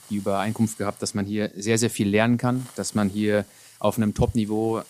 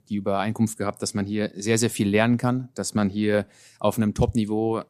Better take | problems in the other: second | hiss; faint; throughout; 25 dB below the speech

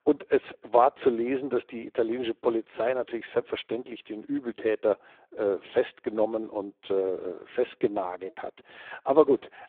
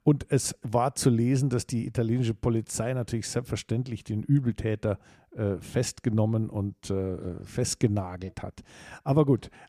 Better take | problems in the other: second | phone-call audio; poor line

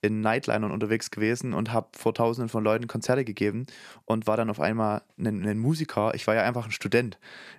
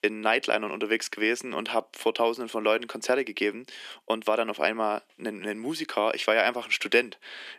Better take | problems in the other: first | thin; somewhat; fading below 300 Hz

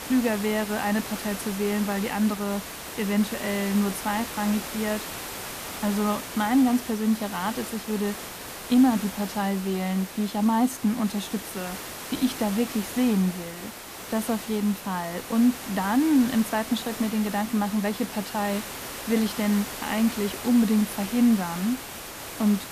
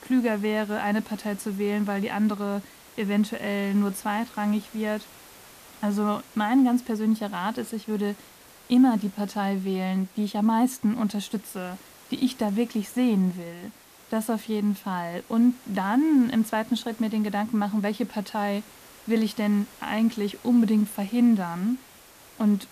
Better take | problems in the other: second | hiss; loud; throughout; 9 dB below the speech; faint in the second

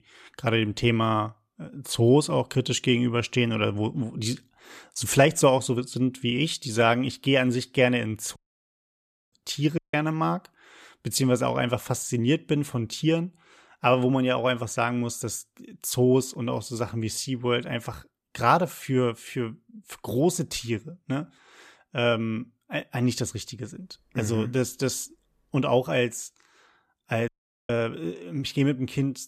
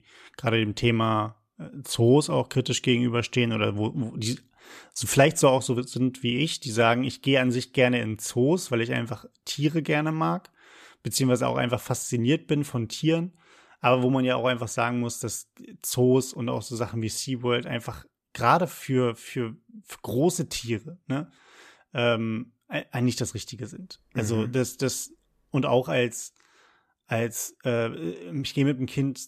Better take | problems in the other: second | audio cutting out; at 8.5 s for 1 s, at 10 s and at 27 s

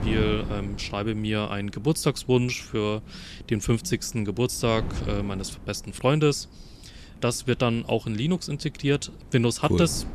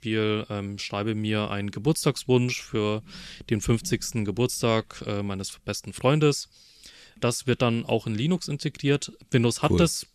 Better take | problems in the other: second | wind noise on the microphone; occasional gusts; 20 dB below the speech

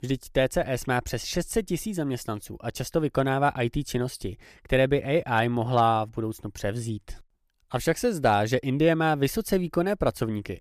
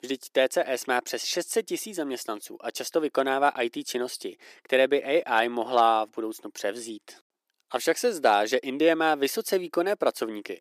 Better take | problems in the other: first | thin; somewhat; fading below 300 Hz

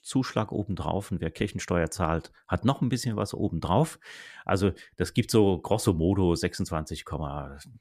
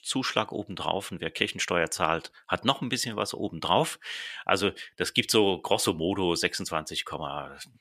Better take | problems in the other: first | thin; somewhat; fading below 600 Hz

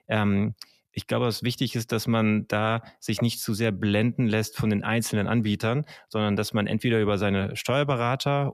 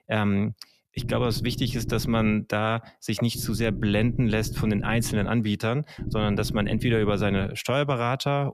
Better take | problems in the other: first | low rumble; noticeable; from 1 to 2.5 s, from 3.5 to 5.5 s and from 6 to 7.5 s; 15 dB below the speech

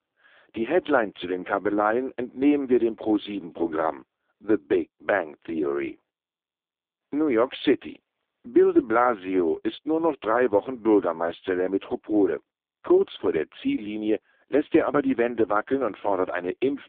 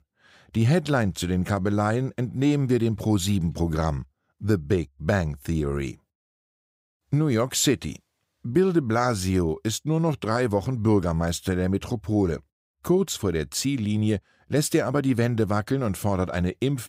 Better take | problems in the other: second | phone-call audio; poor line; nothing above 3.5 kHz

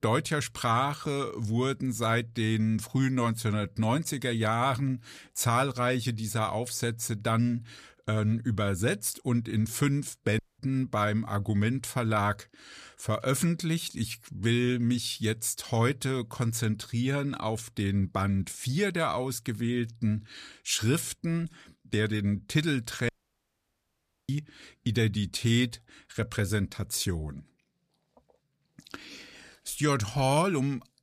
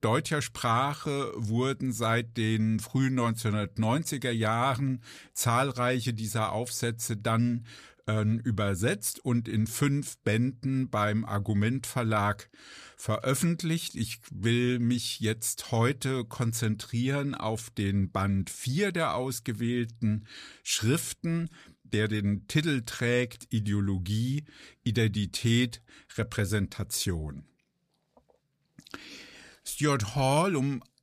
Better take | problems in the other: second | audio cutting out; at 10 s and at 23 s for 1 s

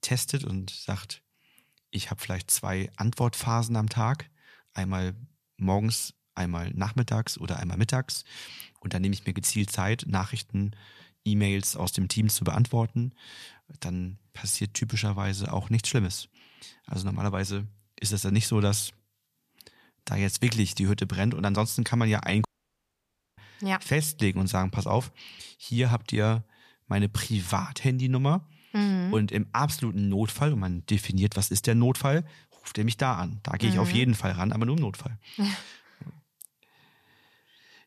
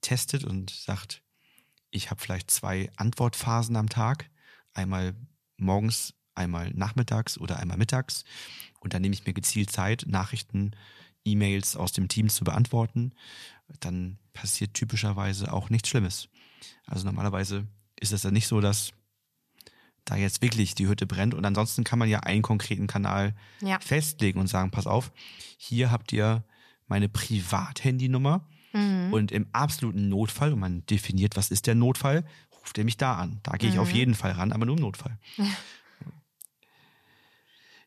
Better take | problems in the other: second | audio cutting out; at 22 s for 1 s

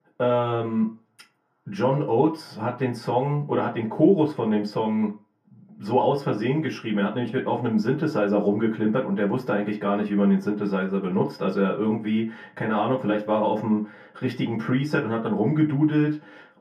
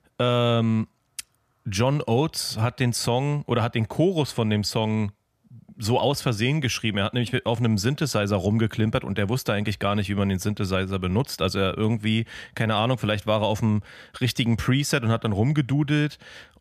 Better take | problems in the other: second | room echo; slight; dies away in 0.3 s // off-mic speech; far

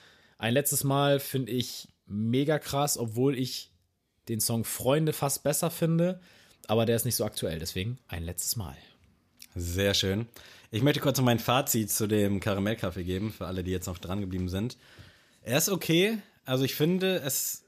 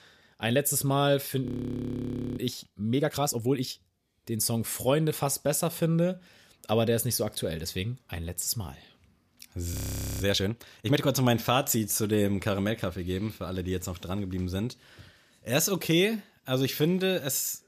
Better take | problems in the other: first | audio freezing; at 1.5 s for 1 s and at 9.5 s

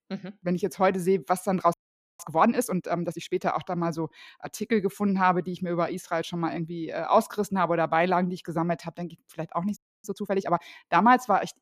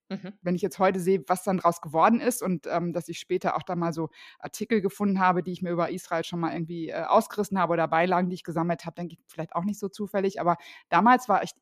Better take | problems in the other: second | audio freezing; at 1.5 s and at 10 s

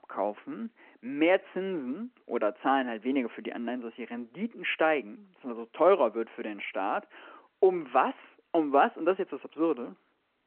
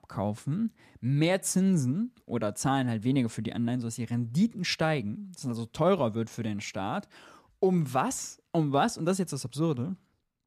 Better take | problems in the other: second | phone-call audio

